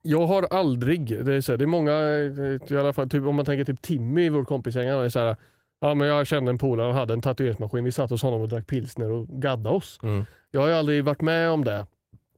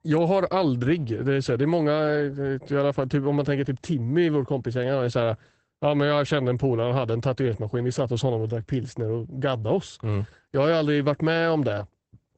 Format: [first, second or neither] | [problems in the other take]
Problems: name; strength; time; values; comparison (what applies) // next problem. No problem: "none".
first | garbled, watery; badly; nothing above 8 kHz; slightly in the first